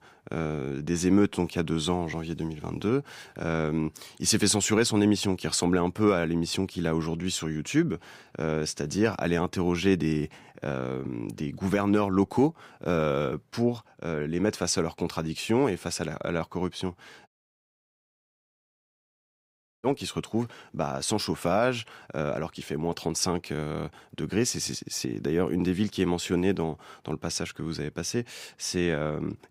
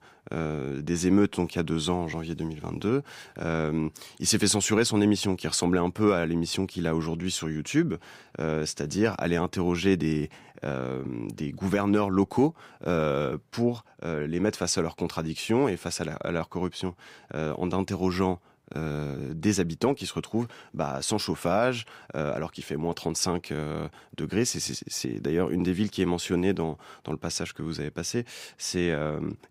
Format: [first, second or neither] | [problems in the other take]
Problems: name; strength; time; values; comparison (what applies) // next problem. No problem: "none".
second | audio cutting out; at 17 s for 2.5 s